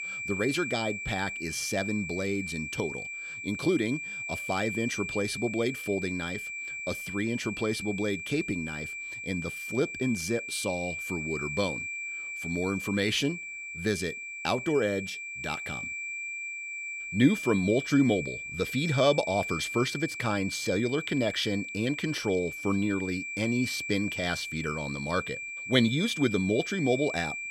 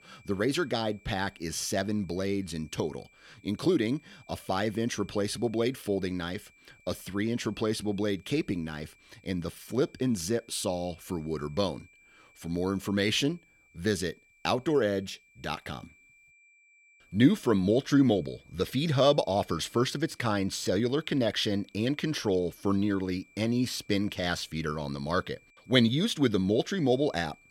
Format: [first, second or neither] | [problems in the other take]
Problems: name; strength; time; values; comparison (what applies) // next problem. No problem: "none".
second | high-pitched whine; loud; throughout; 2.5 kHz, 5 dB below the speech; faint in the second